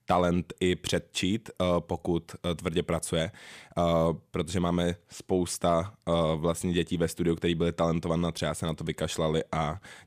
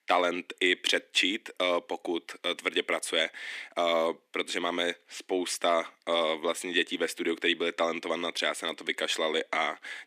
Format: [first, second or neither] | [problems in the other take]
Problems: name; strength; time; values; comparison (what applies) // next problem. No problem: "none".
first | thin; somewhat; fading below 250 Hz